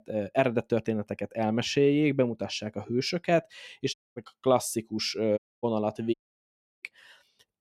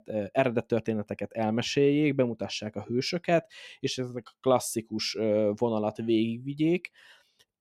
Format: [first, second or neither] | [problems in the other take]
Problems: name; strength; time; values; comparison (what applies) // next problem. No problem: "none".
second | audio cutting out; at 4 s, at 5.5 s and at 6 s for 0.5 s